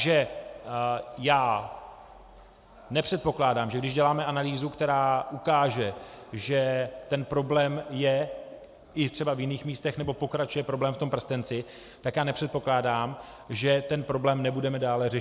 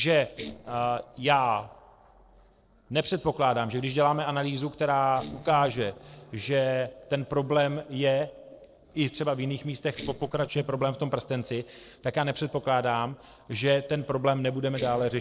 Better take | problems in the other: first | noise reduction (neural separator model SepFormer DNS4)

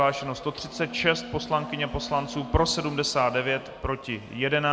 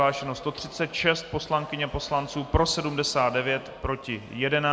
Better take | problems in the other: second | background sound (Wind instrument, woodwind instrument); 15 dB below the speech

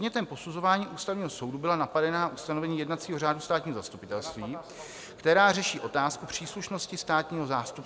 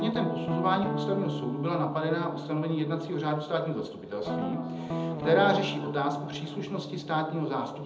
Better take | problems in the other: first | background sound (Guitar); 5 dB below the speech // room echo; dies away in 0.8 s

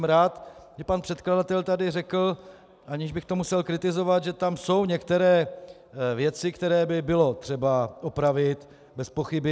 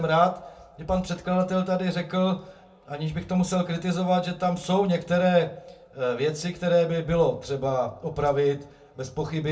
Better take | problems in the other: first | room echo; dies away in 0.2 s

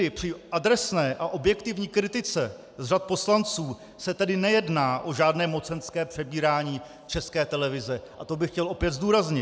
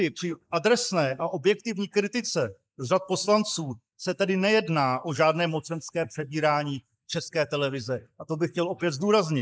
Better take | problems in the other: first | noise reduction (neural mask model Resemble Enhance denoiser)

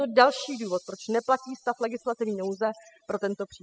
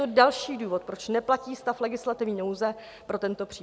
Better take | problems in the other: second | noise reduction (classical method spectral subtraction)

